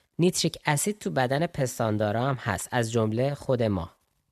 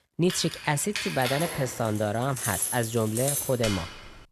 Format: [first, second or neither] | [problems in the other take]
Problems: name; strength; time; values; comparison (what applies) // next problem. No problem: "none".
first | jangling keys; loud; peak level with the speech